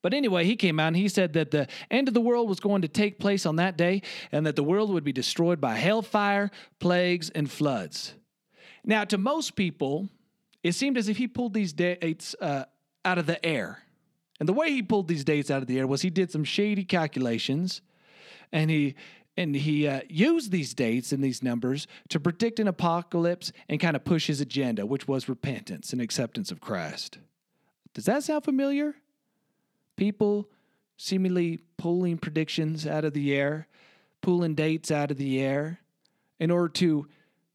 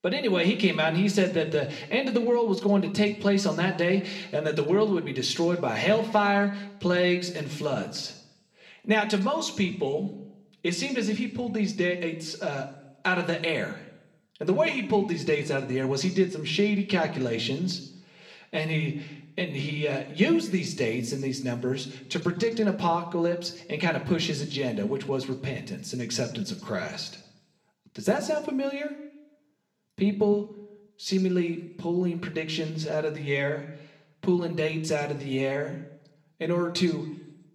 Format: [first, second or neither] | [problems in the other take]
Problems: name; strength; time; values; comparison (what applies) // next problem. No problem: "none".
first | room echo; very slight; dies away in 0.7 s // off-mic speech; somewhat distant